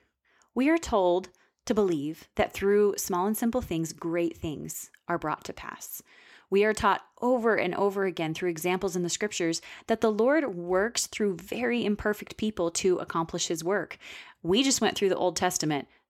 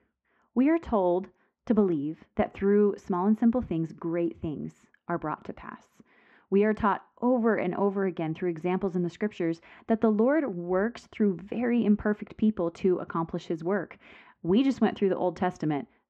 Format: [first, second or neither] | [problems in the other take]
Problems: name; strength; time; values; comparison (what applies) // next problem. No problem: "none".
first | muffled; very; fading above 1.5 kHz